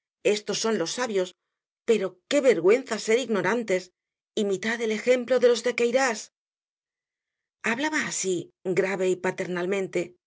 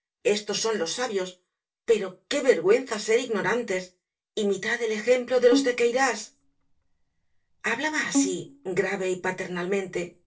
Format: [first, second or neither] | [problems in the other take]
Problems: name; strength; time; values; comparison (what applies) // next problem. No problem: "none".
first | background sound (Bowed string instrument); 7 dB below the speech // room echo; dies away in 0.2 s